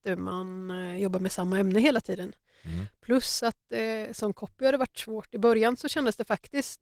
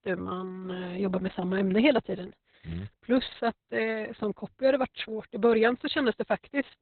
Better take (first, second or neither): first